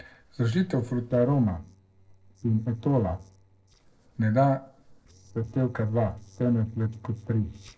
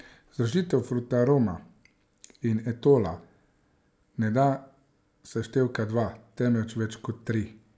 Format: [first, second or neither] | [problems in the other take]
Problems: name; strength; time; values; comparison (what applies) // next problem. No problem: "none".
second | noise reduction (neural separator model SepFormer DNS4)